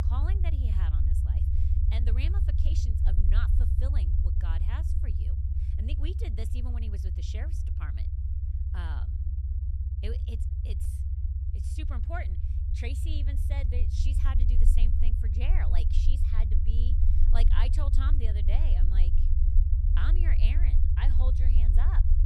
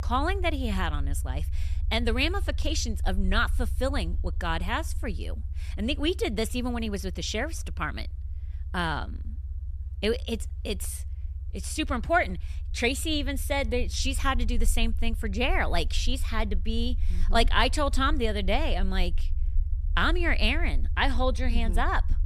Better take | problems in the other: second | low rumble; loud; throughout; 2 dB below the speech; faint in the second

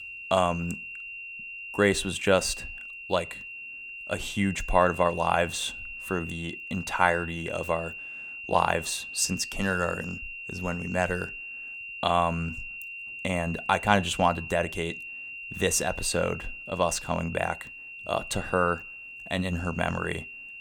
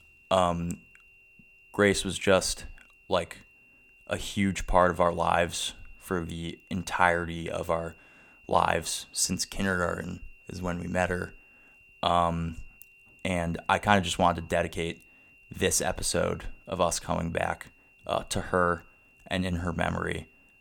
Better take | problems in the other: second | high-pitched whine; loud; throughout; 2.5 kHz, 9 dB below the speech; faint in the second

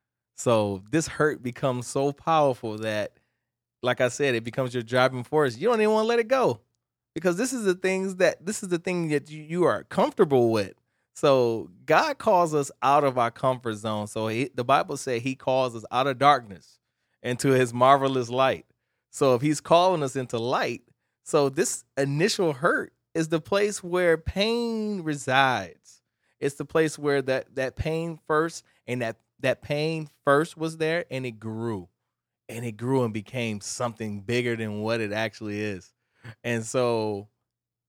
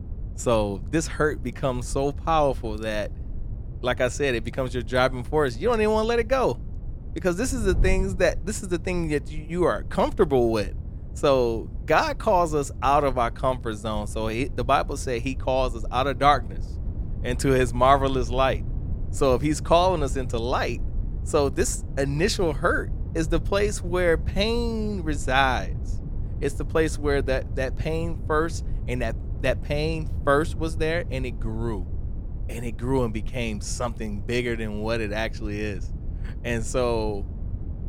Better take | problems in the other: first | wind noise on the microphone; occasional gusts; 25 dB below the speech

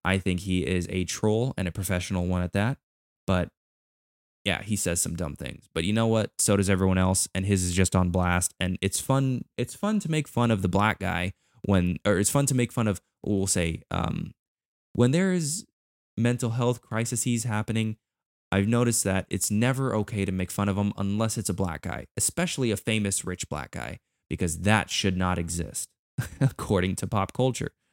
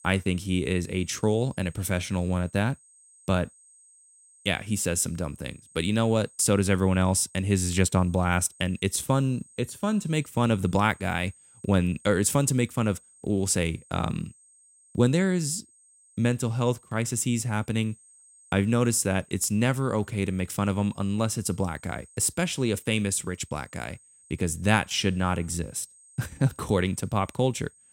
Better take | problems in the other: first | high-pitched whine; faint; throughout; 8.5 kHz, 25 dB below the speech

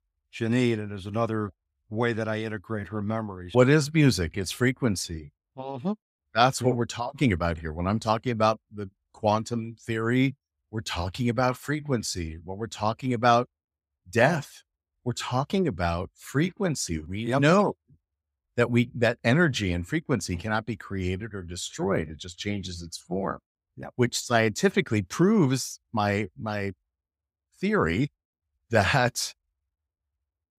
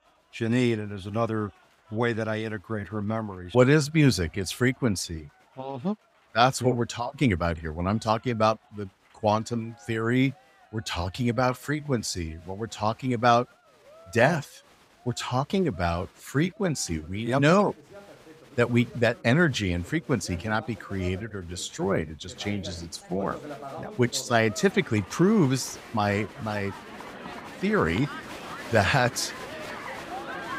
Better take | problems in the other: first | crowd noise; noticeable; throughout; 15 dB below the speech

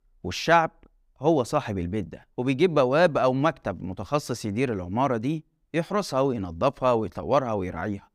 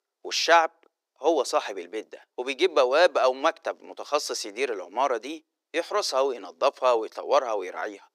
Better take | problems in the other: first | thin; very; fading below 350 Hz

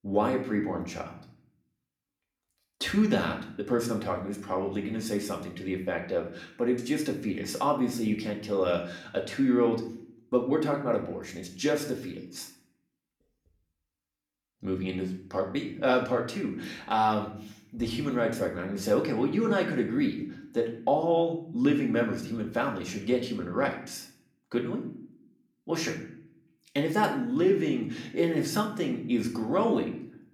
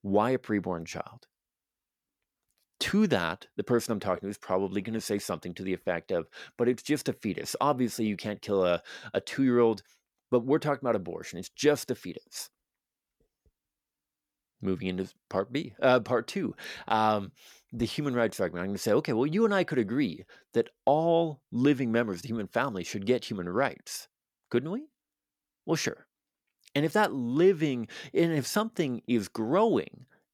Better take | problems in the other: second | room echo; slight; dies away in 0.5 s // off-mic speech; somewhat distant

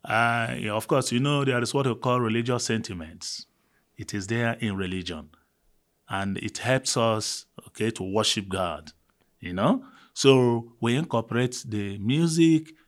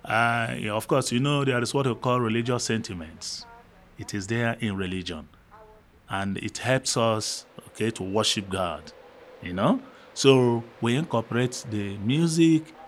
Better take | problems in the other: first | train or aircraft noise; faint; throughout; 25 dB below the speech

